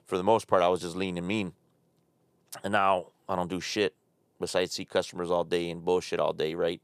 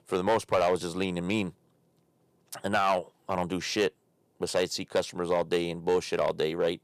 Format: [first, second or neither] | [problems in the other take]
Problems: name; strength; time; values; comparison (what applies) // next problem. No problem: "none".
first | distortion; slight; 3% of the sound clipped